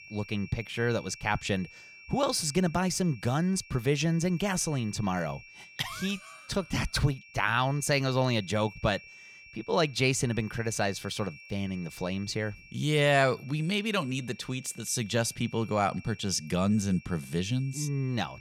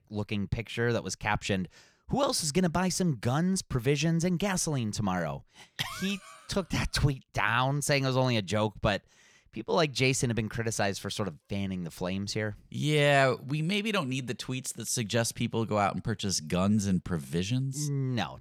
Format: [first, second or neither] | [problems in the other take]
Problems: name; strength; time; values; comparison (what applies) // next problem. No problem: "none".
second | high-pitched whine; noticeable; throughout; 2.5 kHz, 20 dB below the speech